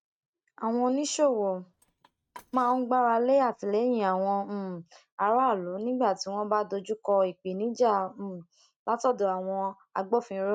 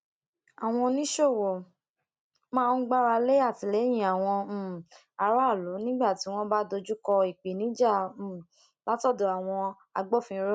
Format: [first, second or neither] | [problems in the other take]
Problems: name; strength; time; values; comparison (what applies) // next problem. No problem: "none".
second | noise reduction (neural mask model RNNoise)